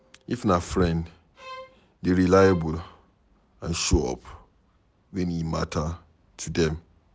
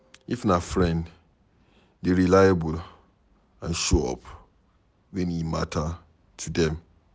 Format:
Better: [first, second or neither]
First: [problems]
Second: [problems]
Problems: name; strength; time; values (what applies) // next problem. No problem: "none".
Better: second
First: background sound (Bowed string instrument); 19 dB below the speech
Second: none